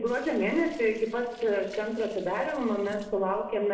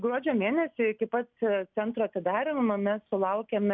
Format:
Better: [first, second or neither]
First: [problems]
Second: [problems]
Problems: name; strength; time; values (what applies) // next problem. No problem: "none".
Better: second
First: noise reduction (neural separator model SepFormer DNS4)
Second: none